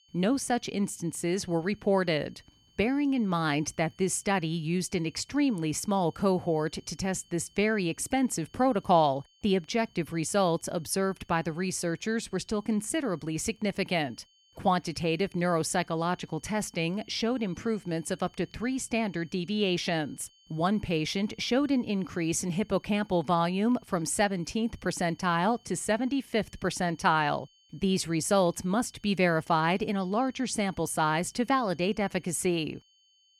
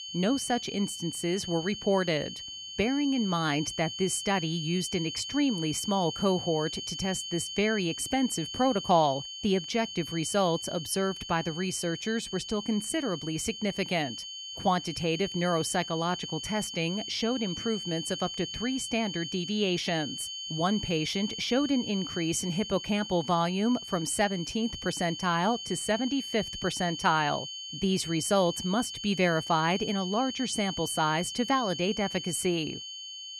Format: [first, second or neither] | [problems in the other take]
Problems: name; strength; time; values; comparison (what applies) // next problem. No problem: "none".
first | high-pitched whine; loud; throughout; 3 kHz, 7 dB below the speech; faint in the first